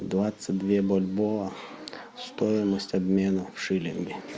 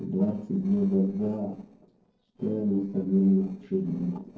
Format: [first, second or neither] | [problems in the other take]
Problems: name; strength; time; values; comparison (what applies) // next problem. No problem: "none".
first | noise reduction (neural separator model SepFormer DNS4)